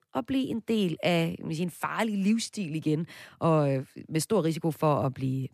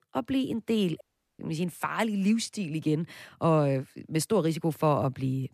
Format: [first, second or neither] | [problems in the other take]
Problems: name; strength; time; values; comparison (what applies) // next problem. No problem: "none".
first | audio cutting out; at 1 s